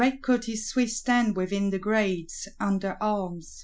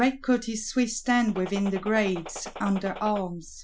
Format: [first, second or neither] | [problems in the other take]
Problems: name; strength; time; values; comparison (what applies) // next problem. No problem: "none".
first | background sound (Gunshot, gunfire); 14 dB below the speech